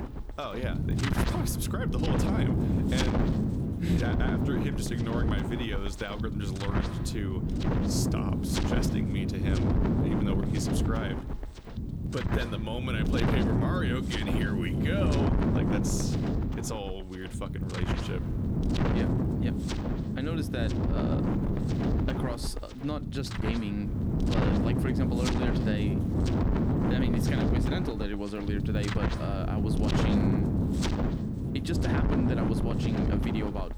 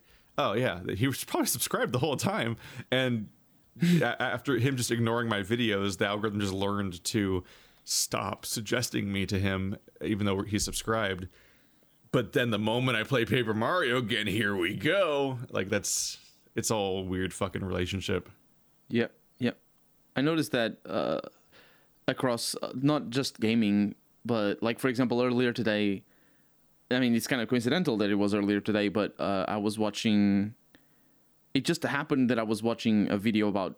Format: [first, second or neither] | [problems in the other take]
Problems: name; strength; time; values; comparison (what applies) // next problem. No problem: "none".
second | wind noise on the microphone; heavy; 2 dB above the speech